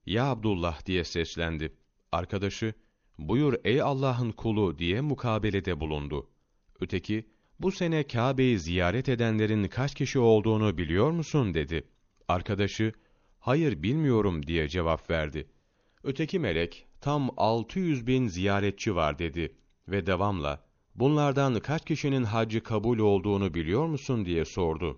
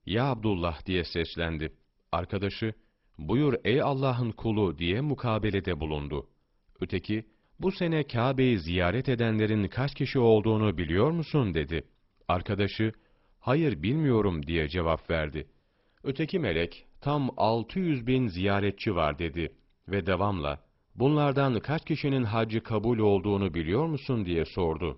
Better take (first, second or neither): first